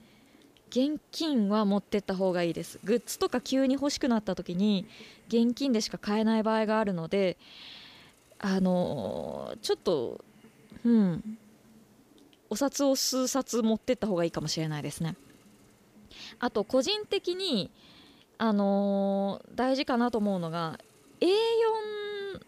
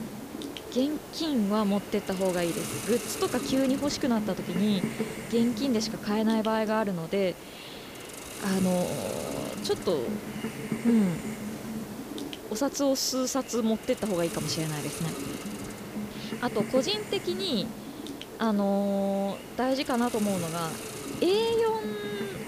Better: first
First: hiss; faint; throughout; 30 dB below the speech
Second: hiss; loud; throughout; 8 dB below the speech

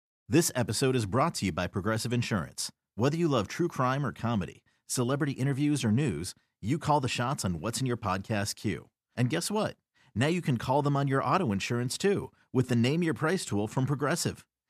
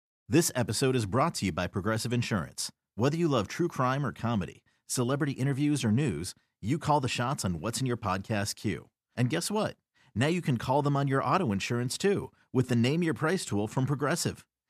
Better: neither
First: none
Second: none

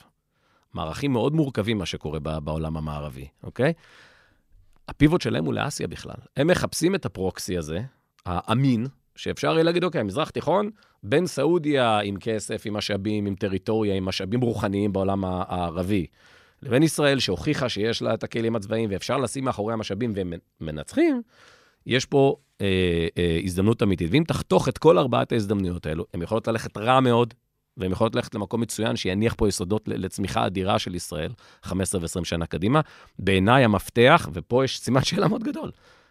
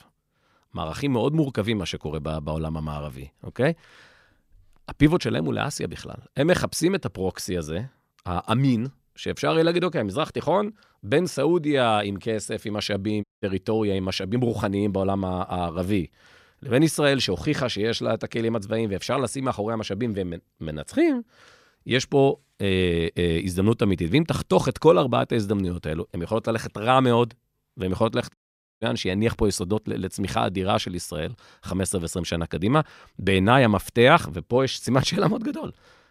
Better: first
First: none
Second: audio cutting out; at 13 s and at 28 s

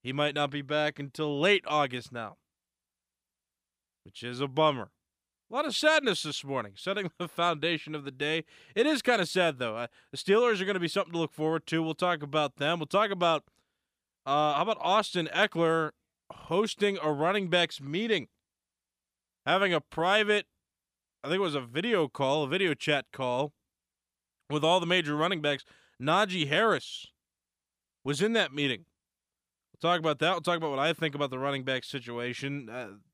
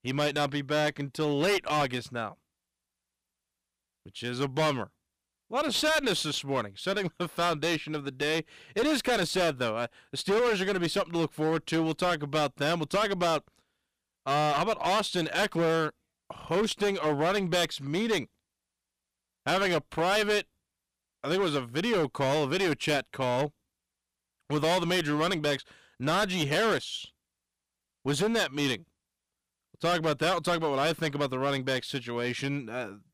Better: first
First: none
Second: distortion; heavy; 13% of the sound clipped

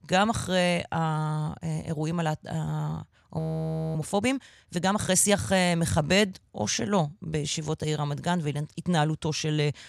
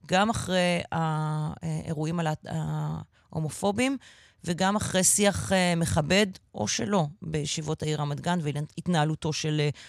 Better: second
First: audio freezing; at 3.5 s for 0.5 s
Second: none

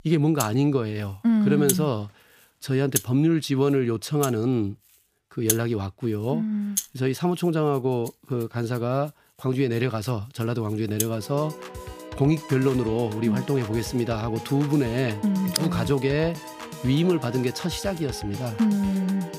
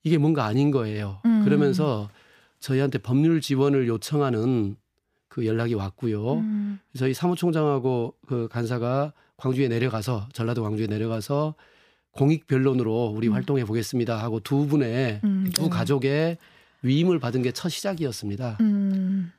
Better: second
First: background music; loud; throughout; 8 dB below the speech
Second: none

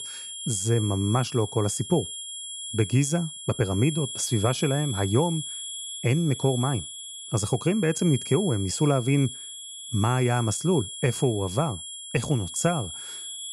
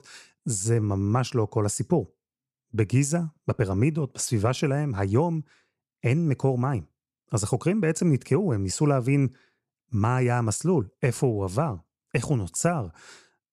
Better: second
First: high-pitched whine; loud; throughout; 3.5 kHz, 9 dB below the speech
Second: none

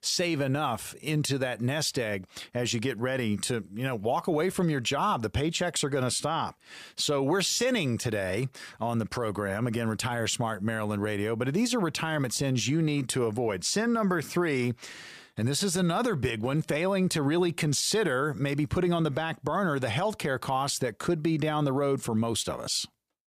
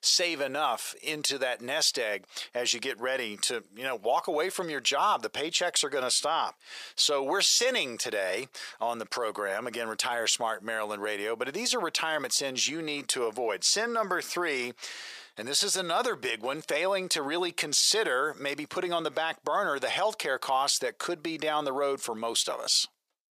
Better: first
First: none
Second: thin; very; fading below 550 Hz

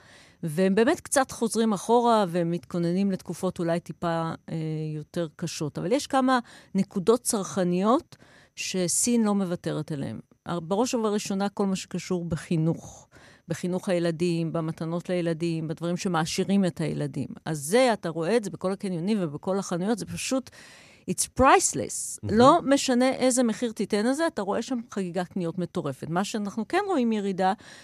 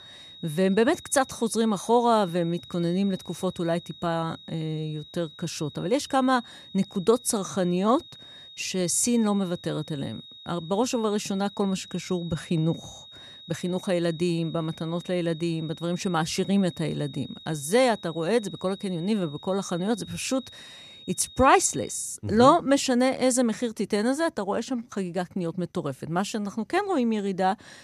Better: first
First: none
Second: high-pitched whine; noticeable; until 22 s; 4 kHz, 20 dB below the speech

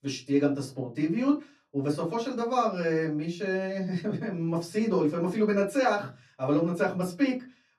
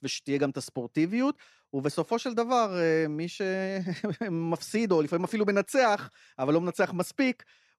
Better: second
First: off-mic speech; far // room echo; very slight; dies away in 0.3 s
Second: none

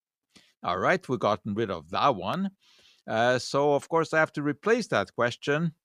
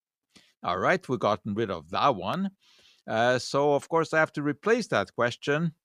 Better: neither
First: none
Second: none

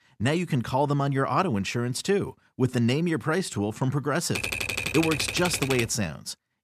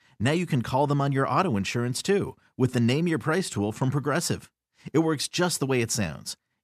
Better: second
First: keyboard typing; noticeable; from 4.5 to 6 s; peak 1 dB below the speech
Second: none

